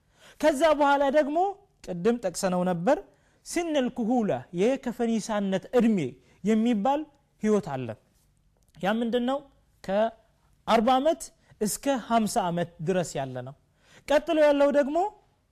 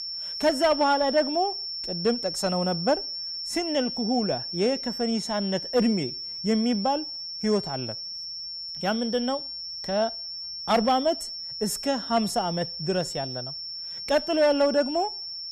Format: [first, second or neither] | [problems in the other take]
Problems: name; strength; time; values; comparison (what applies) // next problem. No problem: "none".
first | high-pitched whine; loud; throughout; 5.5 kHz, 6 dB below the speech